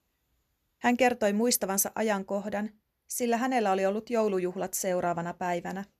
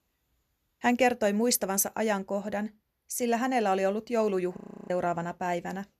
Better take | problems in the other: first | audio freezing; at 4.5 s

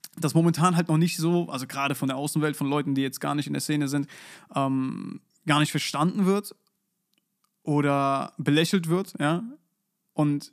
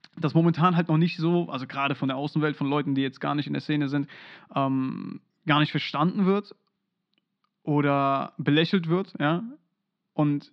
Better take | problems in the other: first | muffled; slightly; fading above 4 kHz

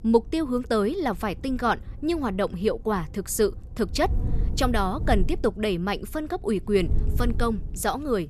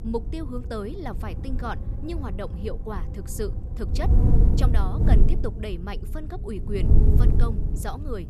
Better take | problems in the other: first | wind noise on the microphone; heavy; 3 dB below the speech; occasional gusts in the first

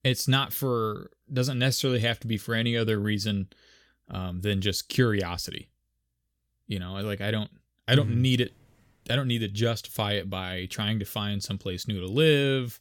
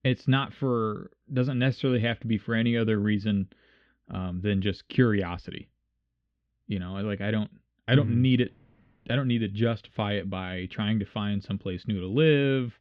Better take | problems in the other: first | muffled; very; fading above 3 kHz

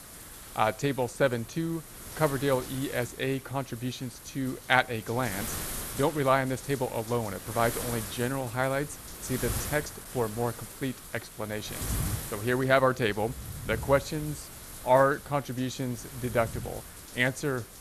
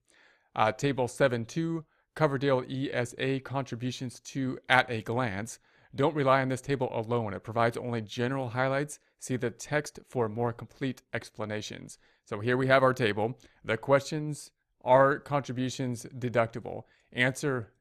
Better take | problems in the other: second | wind noise on the microphone; occasional gusts; 15 dB below the speech

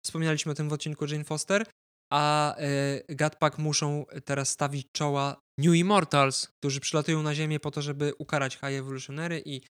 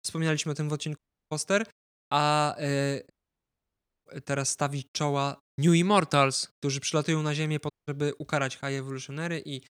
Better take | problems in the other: first | audio cutting out; at 1 s, at 3 s for 1 s and at 7.5 s

